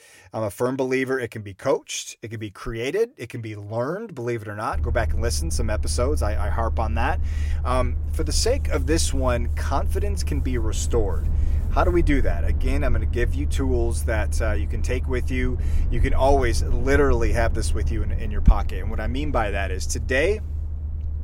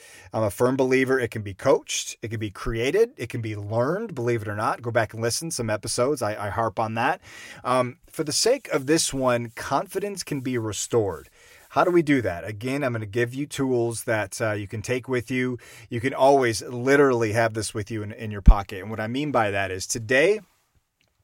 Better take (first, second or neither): second